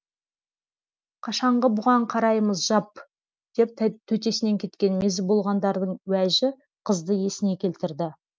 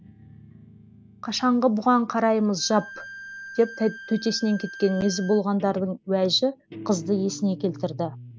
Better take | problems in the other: first | background sound (Guitar + Bowed string instrument); 17 dB below the speech

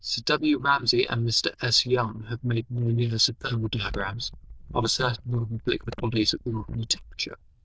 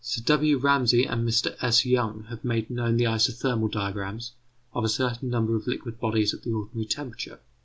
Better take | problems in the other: second | noise reduction (neural diffusion model UNIVERSE++)

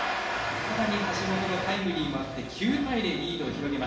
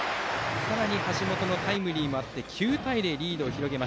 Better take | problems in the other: second | room echo; dies away in 0.9 s

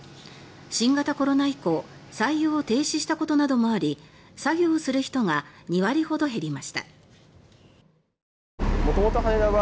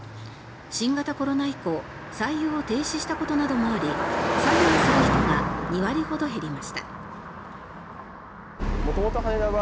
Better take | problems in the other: first | background sound (Car passing by); 1 dB below the speech

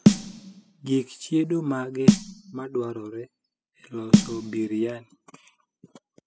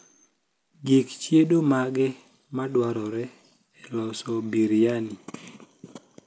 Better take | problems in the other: second | noise reduction (classical method spectral subtraction)

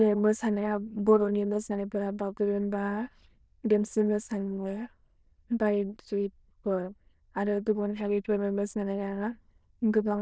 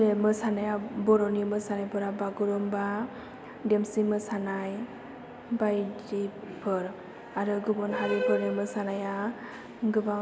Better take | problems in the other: second | noise reduction (neural diffusion model UNIVERSE++)

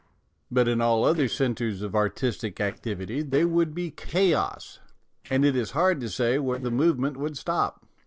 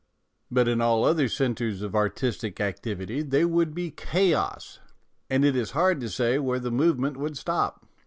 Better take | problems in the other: second | noise reduction (neural separator model SepFormer DNS4)

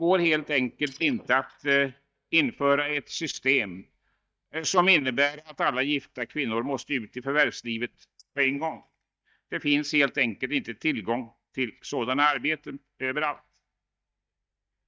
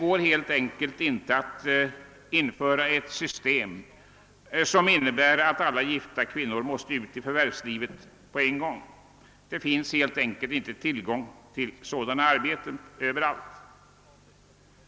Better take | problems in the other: second | noise reduction (neural mask model DeepFilterNet 3)

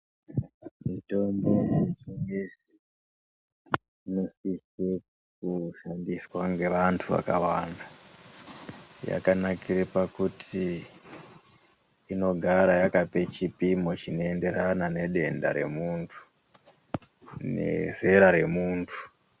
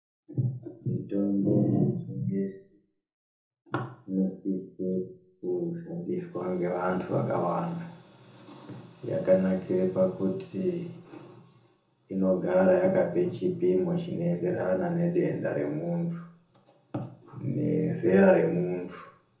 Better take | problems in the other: first | room echo; dies away in 0.5 s

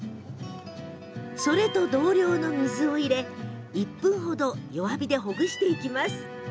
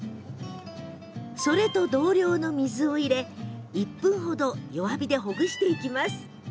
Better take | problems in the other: second | background sound (Bowed string instrument); 14 dB below the speech

